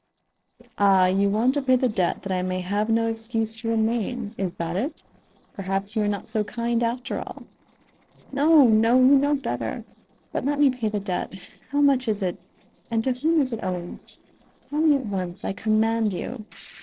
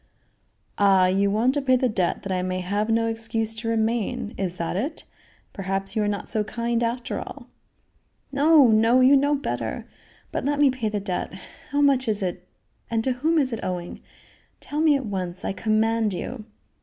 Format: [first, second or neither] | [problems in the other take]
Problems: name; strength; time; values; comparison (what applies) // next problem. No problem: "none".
second | noise reduction (neural separator model SepFormer DNS4)